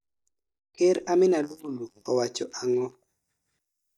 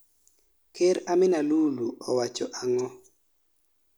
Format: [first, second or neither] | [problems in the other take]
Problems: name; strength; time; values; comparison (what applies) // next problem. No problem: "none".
second | noise reduction (neural mask model DeepFilterNet 3)